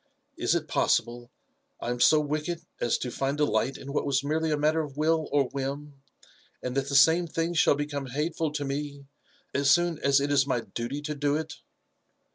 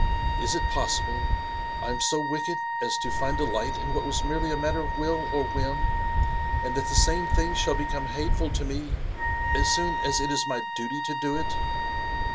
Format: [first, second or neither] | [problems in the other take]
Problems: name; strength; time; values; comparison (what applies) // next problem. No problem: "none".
first | background sound (Wind instrument, woodwind instrument + Waves, surf); 5 dB above the speech